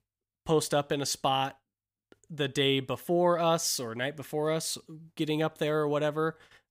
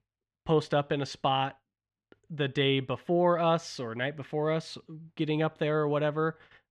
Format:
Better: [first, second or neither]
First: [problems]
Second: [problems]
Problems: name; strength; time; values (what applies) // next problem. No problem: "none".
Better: first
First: none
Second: muffled; slightly; fading above 2.5 kHz